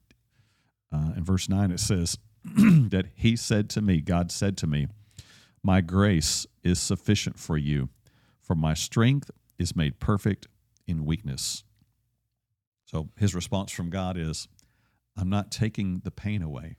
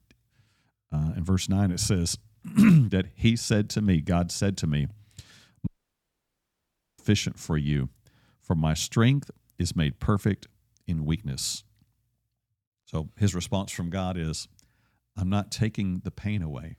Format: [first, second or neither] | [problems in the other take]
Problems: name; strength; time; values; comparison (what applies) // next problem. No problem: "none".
first | audio cutting out; at 5.5 s for 1.5 s